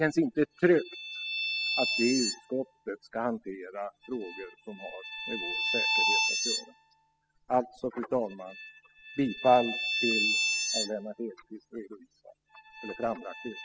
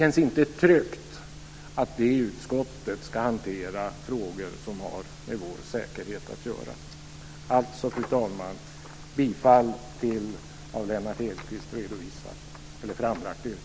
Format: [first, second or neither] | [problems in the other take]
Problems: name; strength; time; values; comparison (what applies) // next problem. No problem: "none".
second | noise reduction (classical method spectral subtraction)